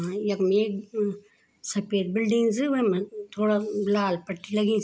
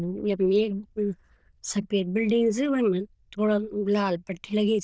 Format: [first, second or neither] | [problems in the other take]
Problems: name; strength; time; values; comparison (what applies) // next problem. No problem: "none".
first | noise reduction (neural diffusion model UNIVERSE++)